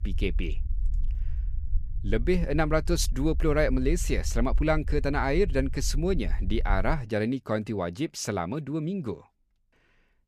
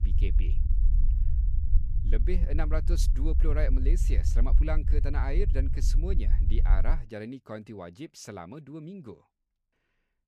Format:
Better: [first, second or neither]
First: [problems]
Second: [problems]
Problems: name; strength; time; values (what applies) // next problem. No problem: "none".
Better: first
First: low rumble; faint; until 7 s; 25 dB below the speech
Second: low rumble; loud; until 7 s; 9 dB below the speech